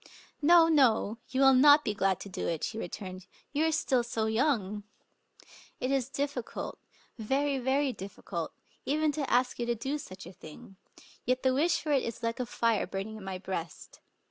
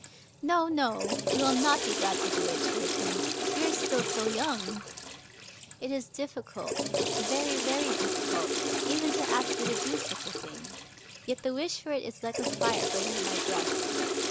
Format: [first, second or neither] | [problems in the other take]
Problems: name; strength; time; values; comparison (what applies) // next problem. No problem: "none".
first | background sound (Toilet flush / Water); 1 dB above the speech